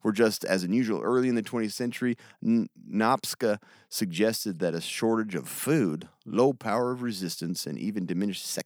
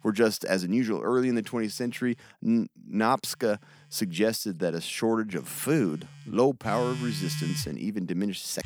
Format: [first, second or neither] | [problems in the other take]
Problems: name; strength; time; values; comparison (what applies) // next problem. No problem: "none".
first | alarms or sirens; loud; throughout; 10 dB below the speech